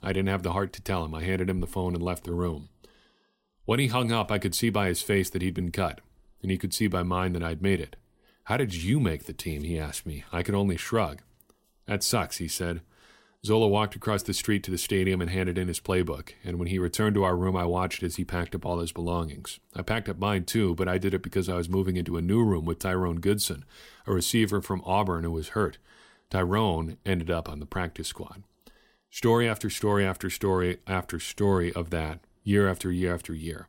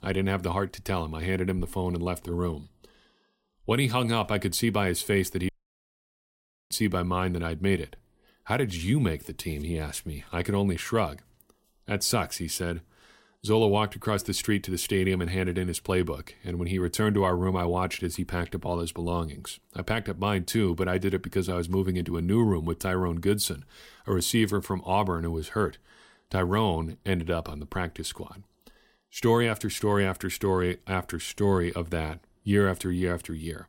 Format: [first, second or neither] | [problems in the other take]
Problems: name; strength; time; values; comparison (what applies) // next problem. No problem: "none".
first | audio cutting out; at 5.5 s for 1 s